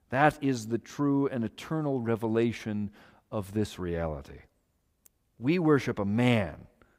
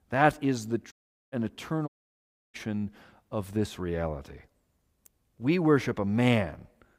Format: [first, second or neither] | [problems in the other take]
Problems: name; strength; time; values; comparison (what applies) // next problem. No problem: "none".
first | audio cutting out; at 1 s and at 2 s for 0.5 s